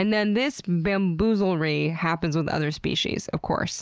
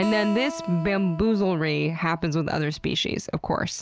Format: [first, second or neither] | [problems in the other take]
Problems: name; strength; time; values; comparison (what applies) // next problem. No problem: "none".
first | background sound (Acoustic guitar); 14 dB below the speech